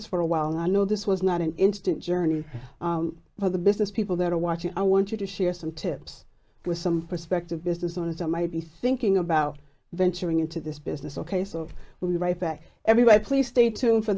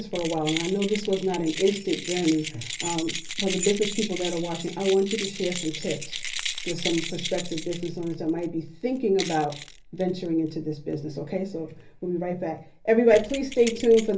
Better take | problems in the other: first | background sound (Keys jangling); 9 dB below the speech // room echo; dies away in 0.3 s

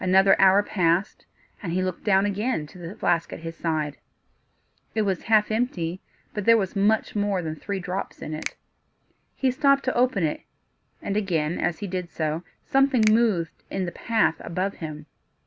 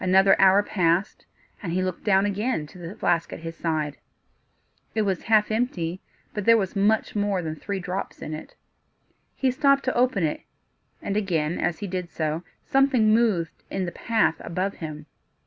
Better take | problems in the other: second | background sound (Finger snapping); 18 dB below the speech

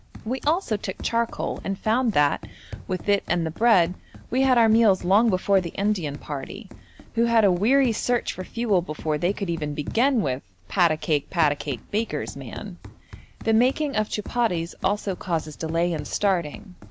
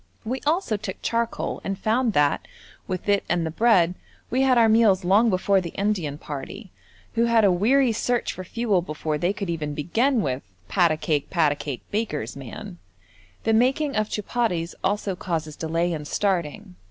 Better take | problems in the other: second | background sound (Run); 18 dB below the speech

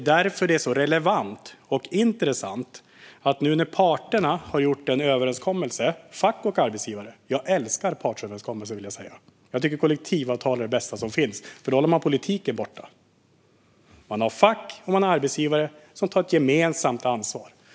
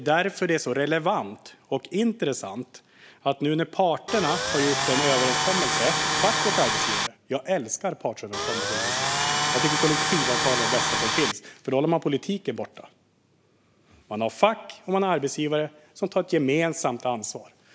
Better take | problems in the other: first | background sound (Tools); 2 dB above the speech

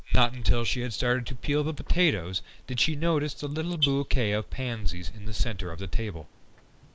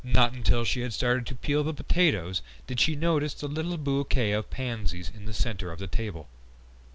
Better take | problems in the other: second | noise reduction (neural mask model Resemble Enhance denoiser)

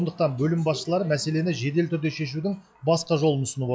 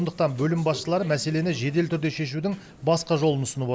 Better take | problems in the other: second | noise reduction (classical method log-MMSE)

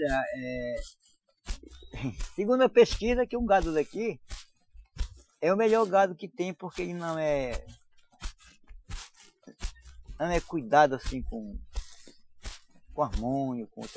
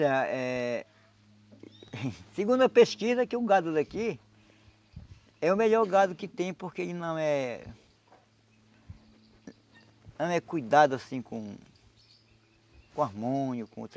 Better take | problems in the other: second | noise reduction (classical method Wiener filter)

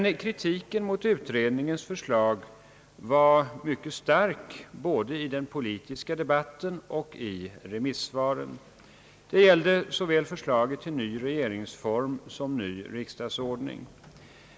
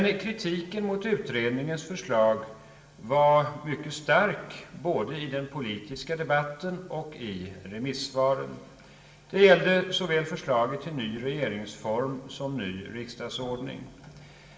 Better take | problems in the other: first | room echo; dies away in 0.8 s

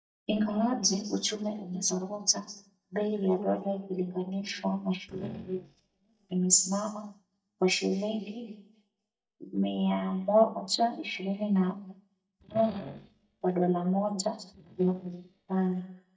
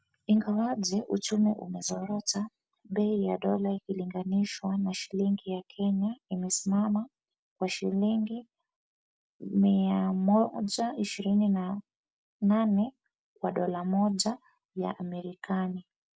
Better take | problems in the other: second | noise reduction (neural mask model DeepFilterNet 3)

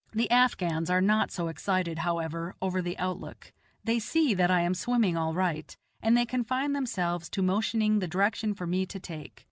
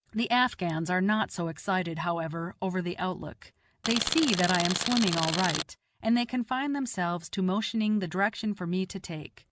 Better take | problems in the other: first | background sound (Tools); 2 dB below the speech

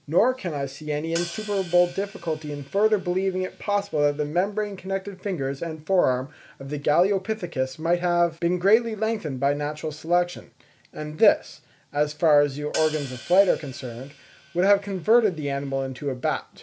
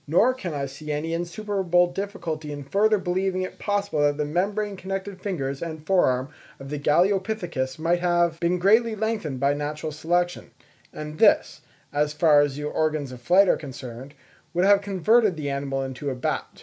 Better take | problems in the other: second | background sound (Hi-hat); 17 dB below the speech

